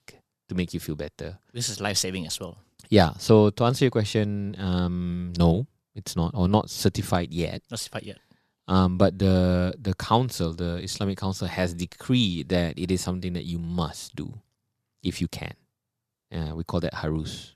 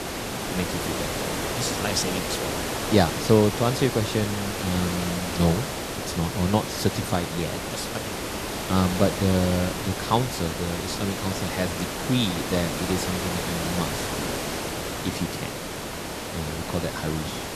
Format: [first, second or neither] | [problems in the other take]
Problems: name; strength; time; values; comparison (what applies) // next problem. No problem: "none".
first | hiss; loud; throughout; 2 dB below the speech